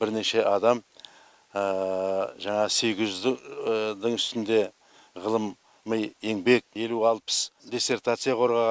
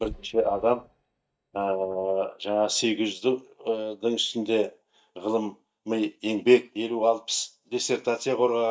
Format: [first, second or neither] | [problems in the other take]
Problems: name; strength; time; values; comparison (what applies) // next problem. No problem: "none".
first | noise reduction (neural mask model DeepFilterNet 3)